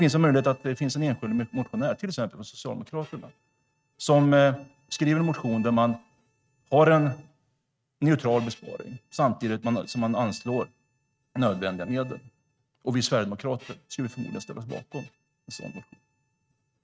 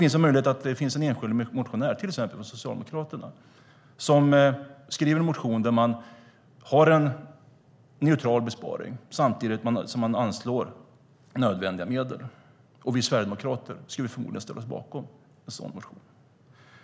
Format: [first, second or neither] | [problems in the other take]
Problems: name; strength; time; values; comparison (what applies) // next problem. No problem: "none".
second | noise reduction (neural mask model RNNoise)